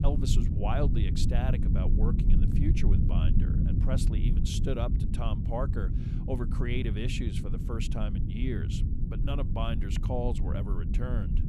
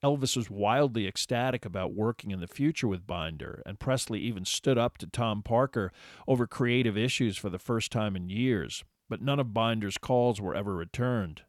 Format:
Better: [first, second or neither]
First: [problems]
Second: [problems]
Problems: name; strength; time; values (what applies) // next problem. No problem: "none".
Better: second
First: low rumble; loud; throughout; 4 dB below the speech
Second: none